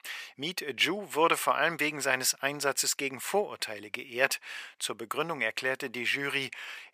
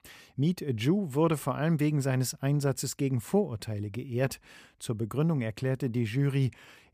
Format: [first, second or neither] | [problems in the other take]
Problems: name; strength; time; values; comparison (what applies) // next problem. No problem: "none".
second | thin; very; fading below 650 Hz